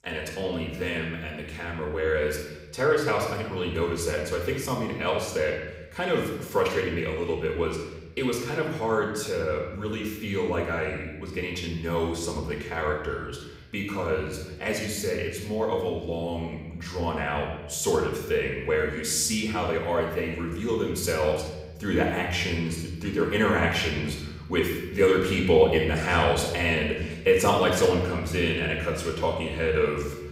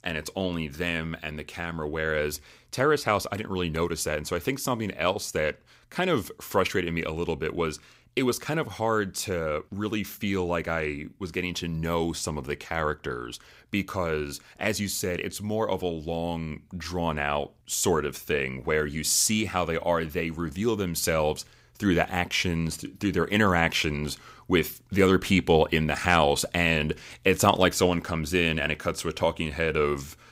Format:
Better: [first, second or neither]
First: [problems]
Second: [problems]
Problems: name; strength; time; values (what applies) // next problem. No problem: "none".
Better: second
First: room echo; noticeable; dies away in 1.1 s // off-mic speech; far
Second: none